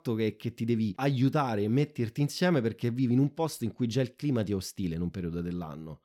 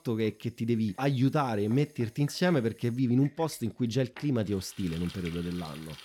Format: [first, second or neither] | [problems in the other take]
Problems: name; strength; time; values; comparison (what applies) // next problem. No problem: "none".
first | household noises; faint; throughout; 20 dB below the speech